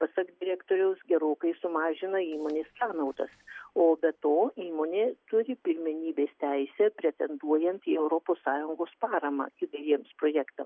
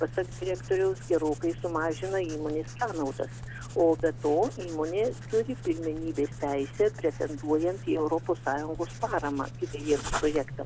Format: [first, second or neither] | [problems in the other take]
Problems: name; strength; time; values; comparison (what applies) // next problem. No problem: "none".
first | background sound (Writing); 11 dB below the speech